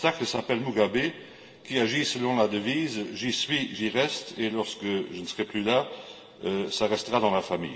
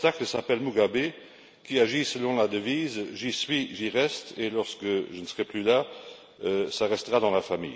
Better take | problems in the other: second | room echo; dies away in 2 s

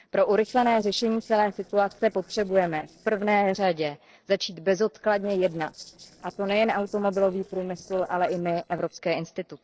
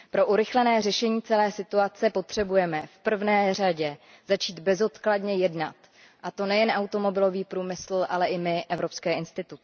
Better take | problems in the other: second | noise reduction (neural separator model SepFormer DNS4)

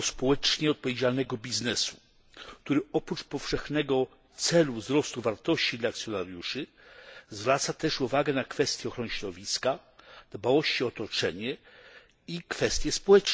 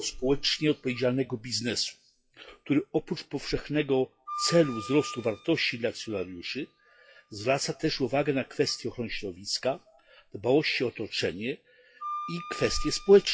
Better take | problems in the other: first | noise reduction (classical method WPE with log-MMSE)

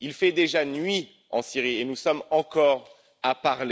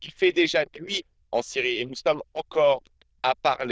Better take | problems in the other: first | noise reduction (neural diffusion model UNIVERSE++)

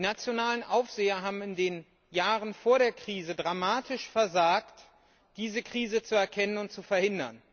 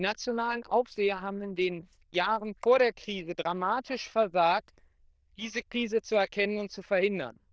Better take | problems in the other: first | noise reduction (neural diffusion model UNIVERSE++)

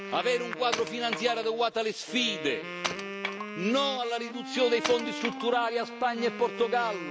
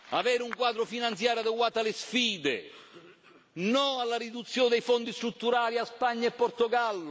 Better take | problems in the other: second | background sound (Wind instrument, woodwind instrument + Wood); 7 dB below the speech

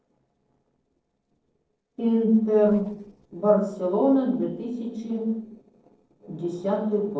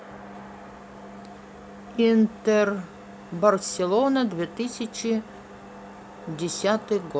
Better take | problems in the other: second | noise reduction (neural separator model SepFormer DNS4)

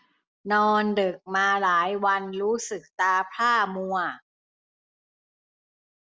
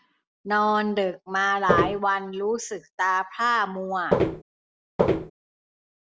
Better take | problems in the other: first | background sound (Walk, footsteps); 5 dB above the speech

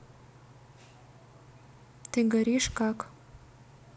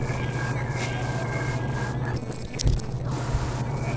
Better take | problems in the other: first | noise reduction (neural separator model SepFormer DNS4)

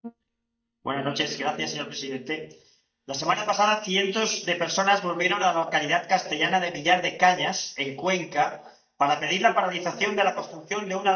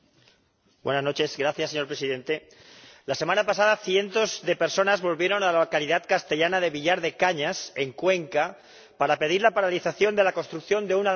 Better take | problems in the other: second | noise reduction (neural mask model DeepFilterNet 3)

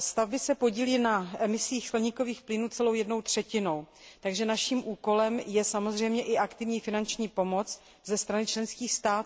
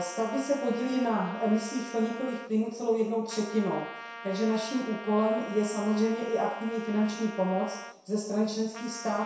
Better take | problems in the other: first | background sound (Trumpet); 14 dB below the speech // room echo; dies away in 0.7 s

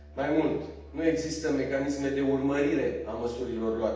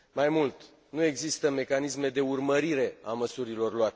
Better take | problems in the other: second | background sound (Musical instrument); 19 dB below the speech // room echo; dies away in 0.8 s

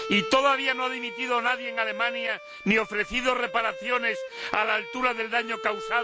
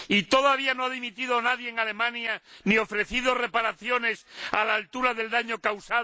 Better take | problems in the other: second | background sound (Bowed string instrument); 10 dB below the speech

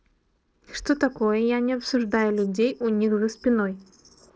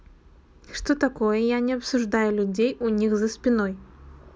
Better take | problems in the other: second | noise reduction (neural separator model SepFormer DNS4)

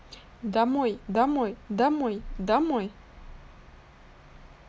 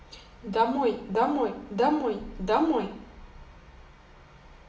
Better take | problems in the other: first | room echo; dies away in 0.7 s

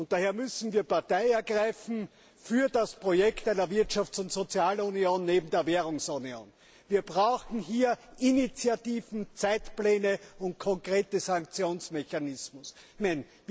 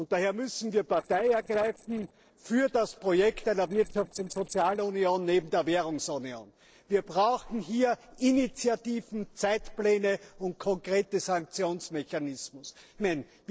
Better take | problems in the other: first | noise reduction (neural separator model SepFormer DNS4)

